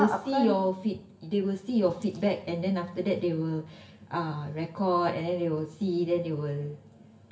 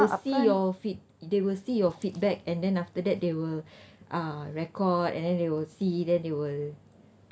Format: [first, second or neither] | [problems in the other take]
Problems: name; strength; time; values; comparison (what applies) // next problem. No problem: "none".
second | room echo; dies away in 0.6 s